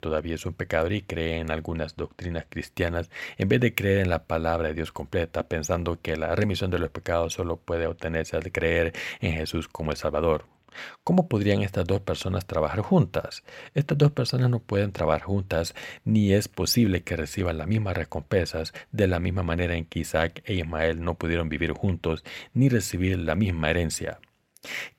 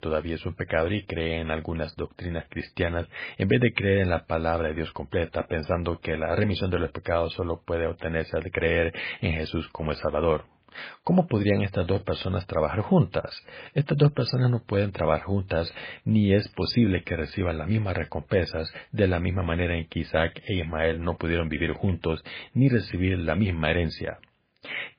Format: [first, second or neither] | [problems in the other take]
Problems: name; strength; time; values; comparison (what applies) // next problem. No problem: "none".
first | garbled, watery; badly